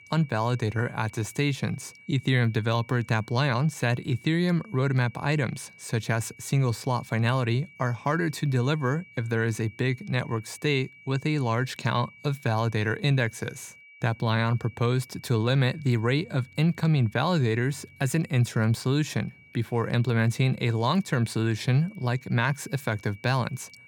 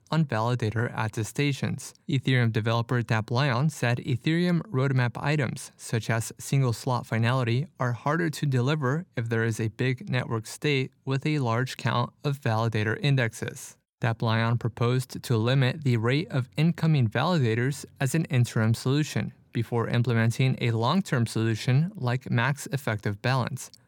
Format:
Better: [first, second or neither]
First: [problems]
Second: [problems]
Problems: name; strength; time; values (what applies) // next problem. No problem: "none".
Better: second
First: high-pitched whine; faint; throughout; 2.5 kHz, 25 dB below the speech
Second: none